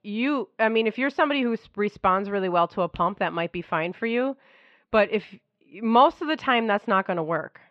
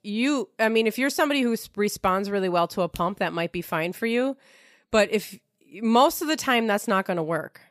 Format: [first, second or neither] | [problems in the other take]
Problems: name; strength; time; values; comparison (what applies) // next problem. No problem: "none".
second | muffled; very; fading above 3 kHz